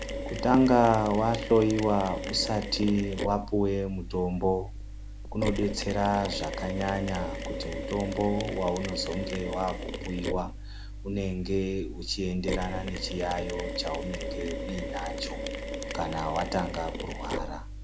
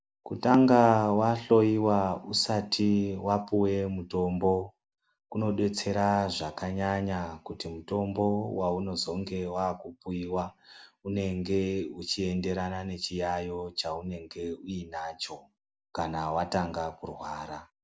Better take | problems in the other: second | background sound (Mechanisms); 6 dB below the speech

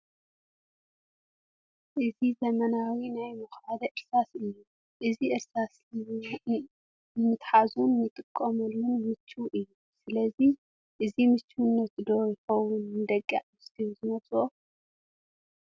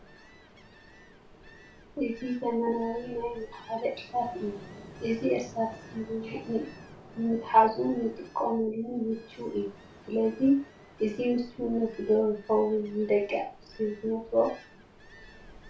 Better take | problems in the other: first | background sound (Ocean); 20 dB below the speech // room echo; dies away in 0.3 s

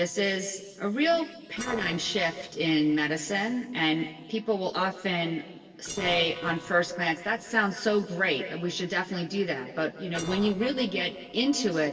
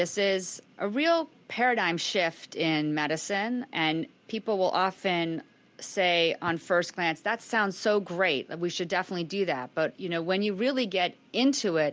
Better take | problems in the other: second | noise reduction (neural separator model SepFormer DNS4)

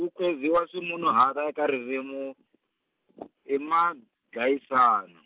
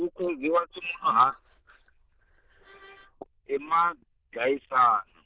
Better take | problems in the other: first | noise reduction (neural diffusion model UNIVERSE++)

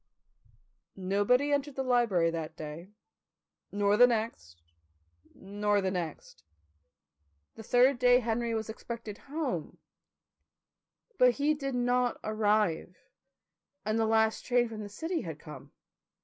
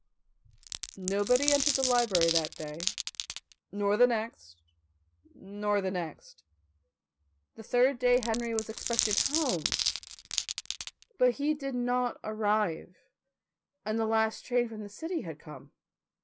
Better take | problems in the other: first | background sound (Glass); 2 dB below the speech

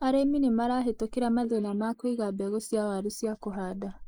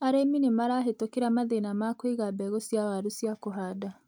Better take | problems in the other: second | noise reduction (neural mask model Resemble Enhance denoiser)

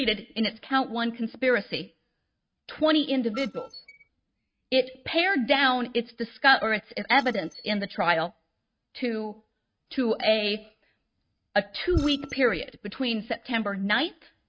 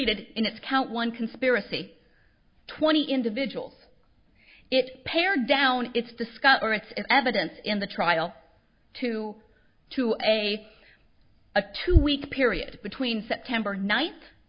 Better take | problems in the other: second | noise reduction (neural mask model RNNoise)

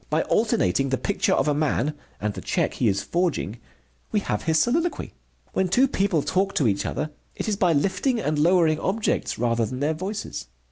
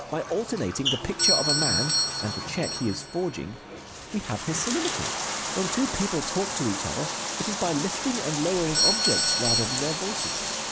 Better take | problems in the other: first | background sound (Bathtub (filling or washing) + Doorbell); 2 dB above the speech

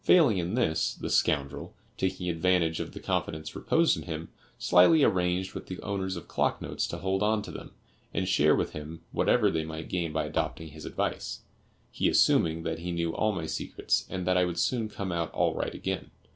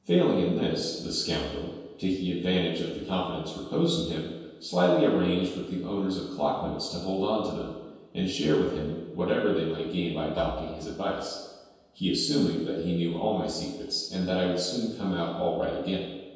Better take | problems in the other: first | room echo; dies away in 1.2 s

